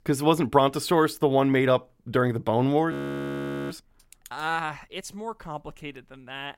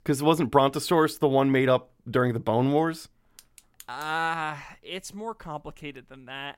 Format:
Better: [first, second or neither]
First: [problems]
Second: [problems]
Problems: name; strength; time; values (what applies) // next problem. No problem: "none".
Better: second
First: audio freezing; at 3 s for 1 s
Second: none